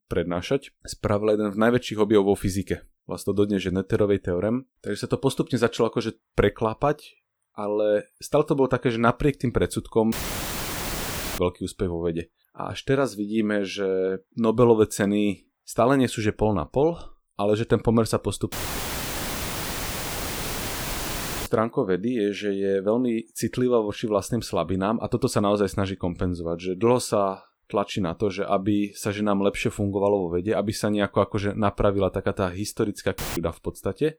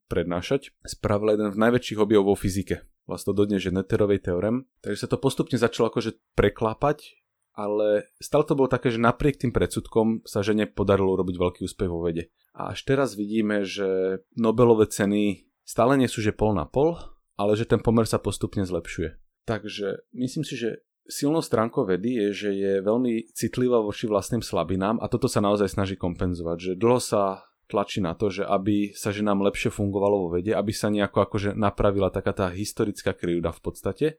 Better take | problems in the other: second | audio cutting out; filled with static; at 10 s for 1.5 s, at 19 s for 3 s and at 33 s

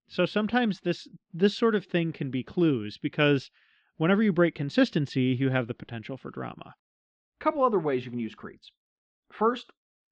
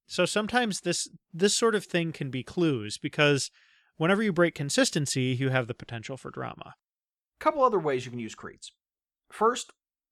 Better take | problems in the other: second | muffled; slightly; fading above 4 kHz

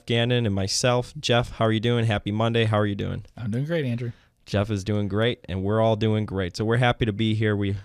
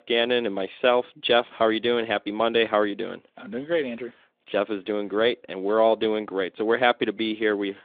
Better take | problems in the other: first | phone-call audio; nothing above 3.5 kHz

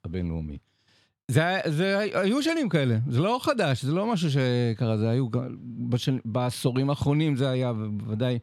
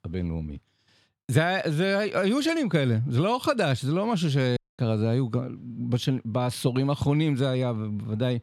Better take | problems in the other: first | audio cutting out; at 4.5 s

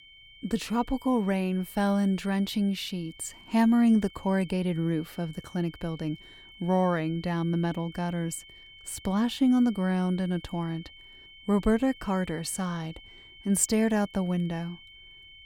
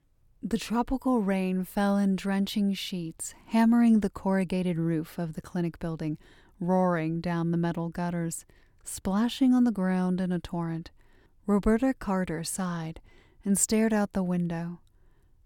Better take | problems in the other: second | high-pitched whine; faint; throughout; 3 kHz, 20 dB below the speech

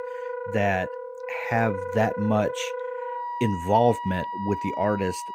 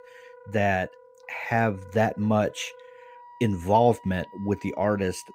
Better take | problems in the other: second | background music; loud; throughout; 7 dB below the speech; faint in the second

